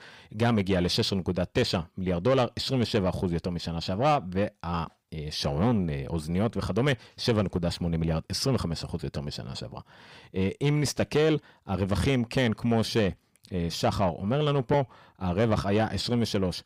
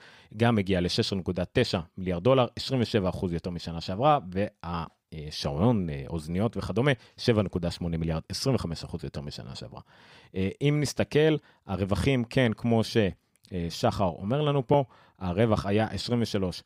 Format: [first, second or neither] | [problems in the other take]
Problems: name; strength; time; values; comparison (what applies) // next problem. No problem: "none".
second | distortion; slight; 10 dB below the speech